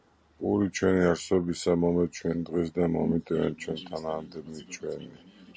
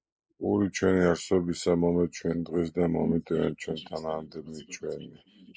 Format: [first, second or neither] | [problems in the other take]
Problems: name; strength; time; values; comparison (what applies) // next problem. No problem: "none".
first | noise reduction (neural mask model Resemble Enhance denoiser)